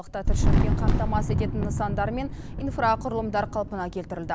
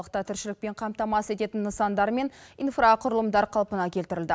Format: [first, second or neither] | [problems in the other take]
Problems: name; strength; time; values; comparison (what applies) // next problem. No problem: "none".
second | background sound (Thunder); 4 dB above the speech